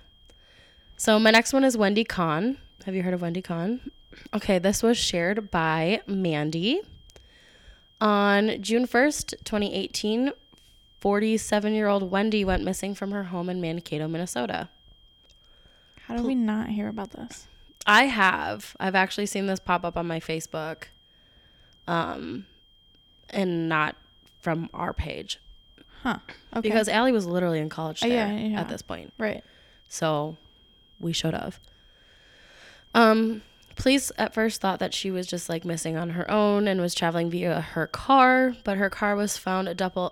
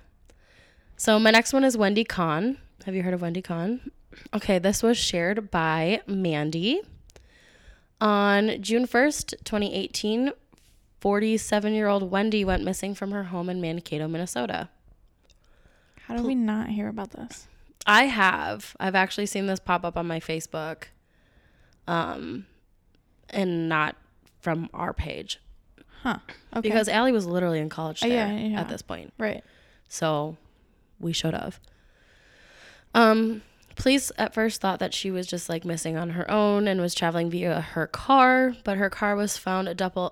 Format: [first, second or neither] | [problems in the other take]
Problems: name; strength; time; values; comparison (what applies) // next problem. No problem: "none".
second | high-pitched whine; faint; throughout; 3 kHz, 30 dB below the speech